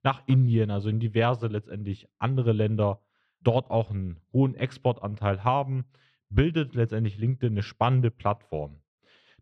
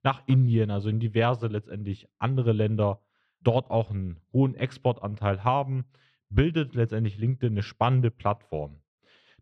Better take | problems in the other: neither | muffled; very slightly; fading above 3 kHz; the same in both

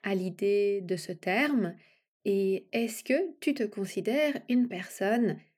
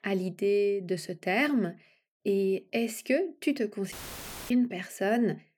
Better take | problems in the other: first | audio cutting out; filled with static; at 4 s for 0.5 s

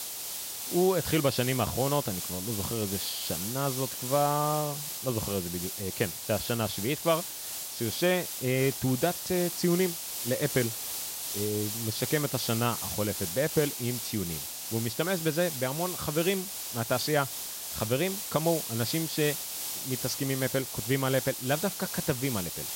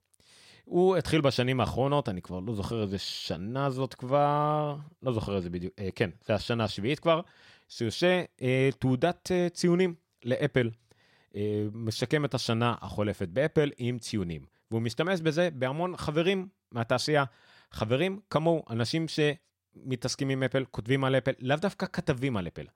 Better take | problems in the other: second | hiss; loud; throughout; 3 dB below the speech

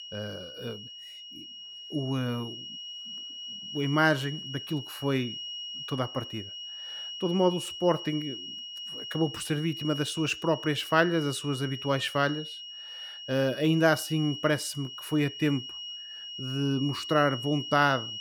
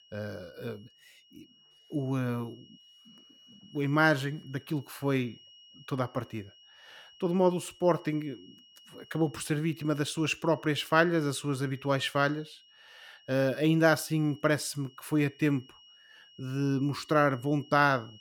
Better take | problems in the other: second | high-pitched whine; loud; throughout; 3 kHz, 9 dB below the speech; faint in the second

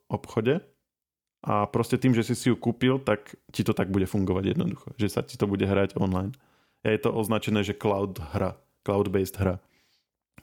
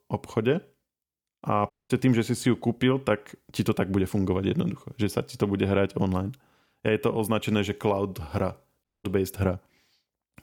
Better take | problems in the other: first | audio cutting out; at 1.5 s and at 9 s

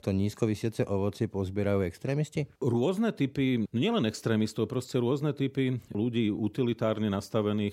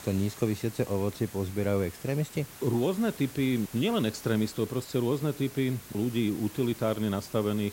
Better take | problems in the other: first | hiss; noticeable; throughout; 15 dB below the speech

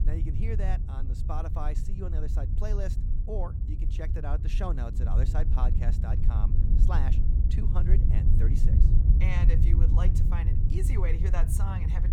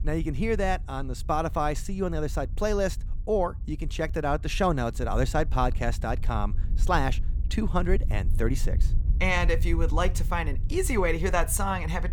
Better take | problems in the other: second | low rumble; loud; throughout; 3 dB below the speech; faint in the second

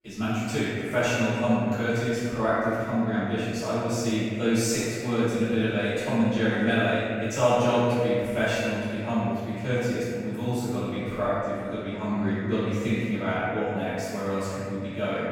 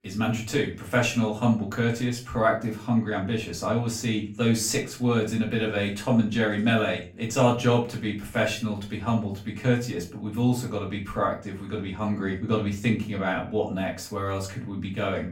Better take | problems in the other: second | room echo; strong; dies away in 2.1 s; slight in the second // off-mic speech; far; far in the second

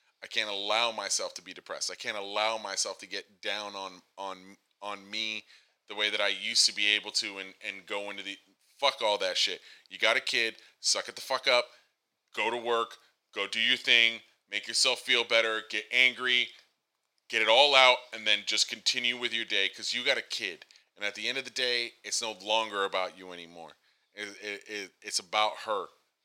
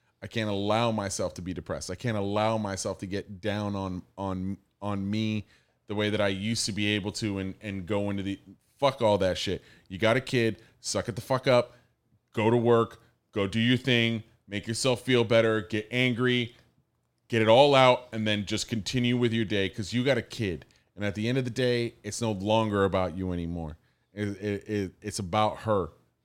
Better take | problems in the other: second | thin; very; fading below 650 Hz

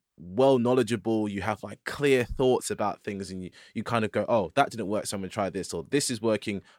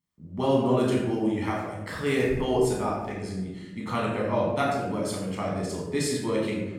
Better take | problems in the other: first | room echo; noticeable; dies away in 0.9 s // off-mic speech; far

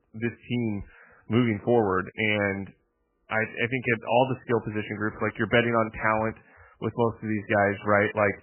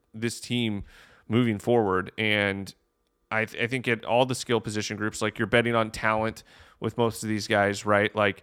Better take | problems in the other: second | garbled, watery; badly; nothing above 3 kHz

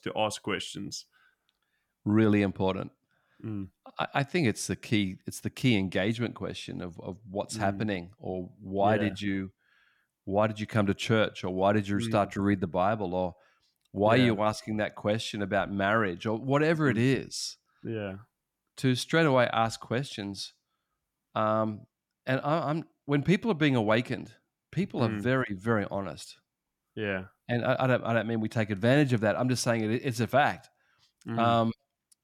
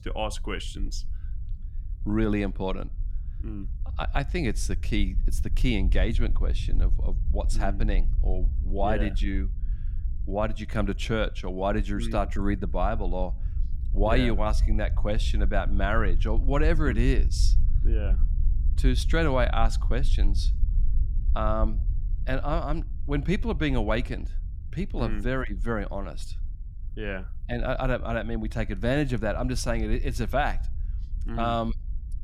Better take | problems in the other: first | low rumble; faint; throughout; 20 dB below the speech

